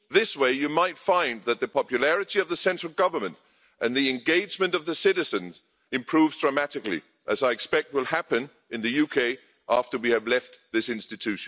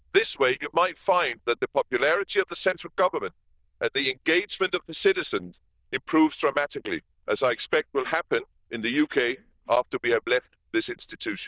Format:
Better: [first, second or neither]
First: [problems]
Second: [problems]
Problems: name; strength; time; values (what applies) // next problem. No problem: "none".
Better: first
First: none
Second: noise reduction (neural diffusion model UNIVERSE++)